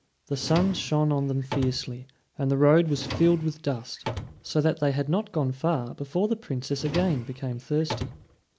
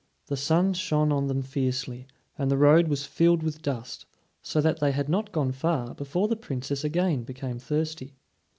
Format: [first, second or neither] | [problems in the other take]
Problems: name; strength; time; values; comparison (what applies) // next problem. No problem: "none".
second | background sound (Drawer open or close); 11 dB below the speech